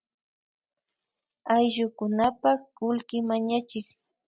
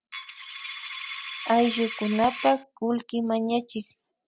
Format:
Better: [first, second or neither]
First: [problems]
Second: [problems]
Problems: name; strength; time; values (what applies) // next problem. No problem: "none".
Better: first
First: none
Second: background sound (Coin (dropping)); 10 dB below the speech